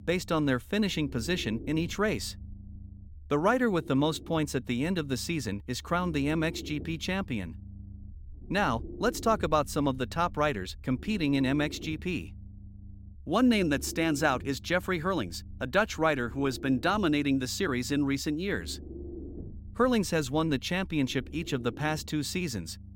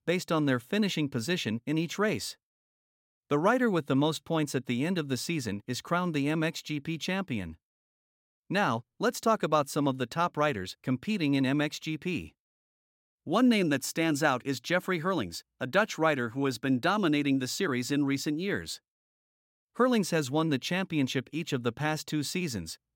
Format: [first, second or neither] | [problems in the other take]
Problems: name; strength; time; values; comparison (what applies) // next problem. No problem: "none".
second | low rumble; faint; throughout; 20 dB below the speech